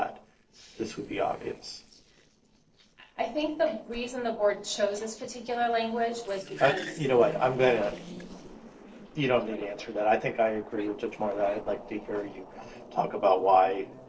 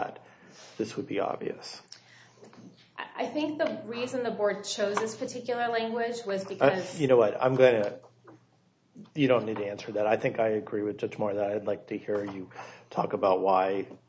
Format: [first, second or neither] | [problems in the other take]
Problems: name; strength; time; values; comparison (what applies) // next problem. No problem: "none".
second | noise reduction (neural separator model SepFormer DNS4)